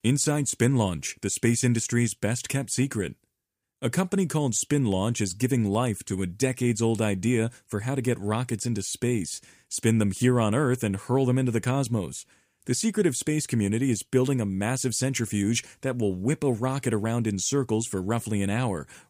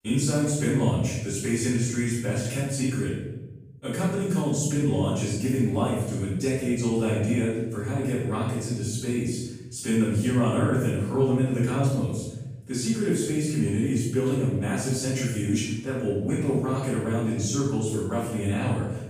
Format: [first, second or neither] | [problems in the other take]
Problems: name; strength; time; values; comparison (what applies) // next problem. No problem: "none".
first | off-mic speech; far // room echo; strong; dies away in 1 s